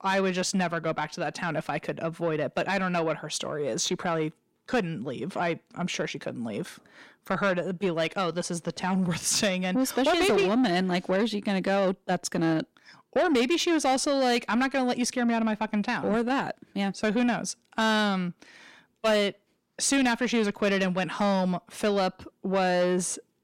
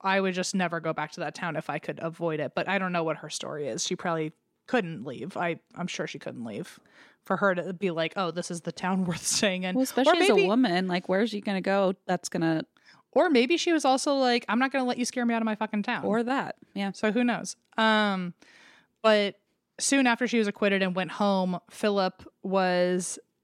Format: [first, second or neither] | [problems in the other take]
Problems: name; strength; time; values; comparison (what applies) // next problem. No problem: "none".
second | distortion; slight; 10 dB below the speech